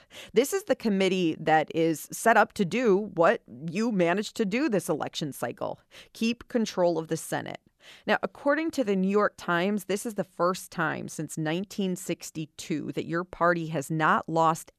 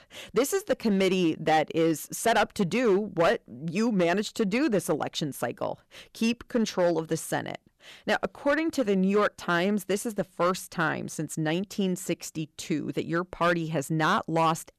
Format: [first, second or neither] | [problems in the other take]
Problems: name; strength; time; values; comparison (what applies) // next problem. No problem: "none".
first | distortion; slight; 4% of the sound clipped